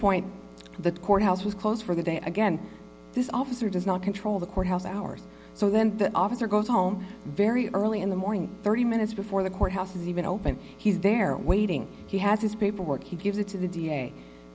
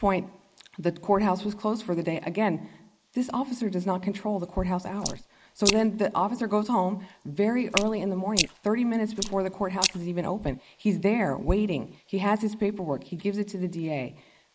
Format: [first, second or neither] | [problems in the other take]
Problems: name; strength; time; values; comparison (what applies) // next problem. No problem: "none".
first | noise reduction (neural mask model Resemble Enhance denoiser)